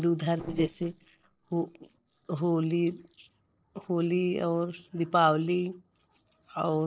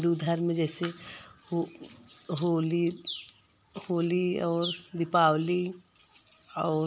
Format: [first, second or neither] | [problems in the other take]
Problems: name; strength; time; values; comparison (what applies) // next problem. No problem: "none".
second | noise reduction (neural separator model SepFormer DNS4)